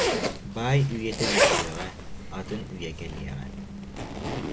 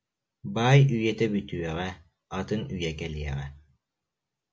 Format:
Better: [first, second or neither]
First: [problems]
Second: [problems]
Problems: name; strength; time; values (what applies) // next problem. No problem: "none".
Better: second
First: background sound (Zipper (clothing)); 2 dB above the speech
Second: none